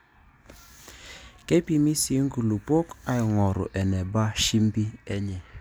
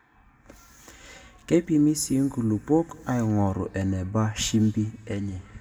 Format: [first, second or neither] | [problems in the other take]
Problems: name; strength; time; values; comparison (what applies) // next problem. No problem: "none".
first | room echo; dies away in 1.5 s